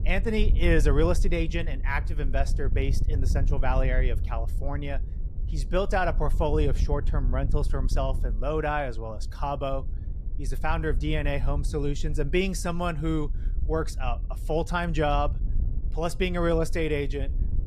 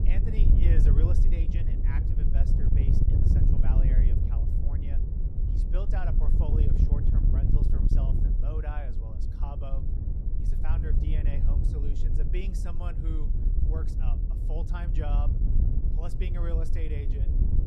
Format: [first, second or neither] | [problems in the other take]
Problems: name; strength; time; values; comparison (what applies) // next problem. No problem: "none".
first | wind noise on the microphone; heavy; 1 dB above the speech; occasional gusts in the first